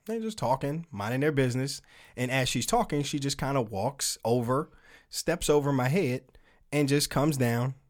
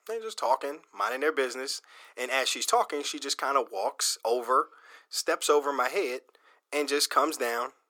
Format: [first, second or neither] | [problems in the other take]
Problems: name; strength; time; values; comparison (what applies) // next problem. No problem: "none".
first | thin; very; fading below 350 Hz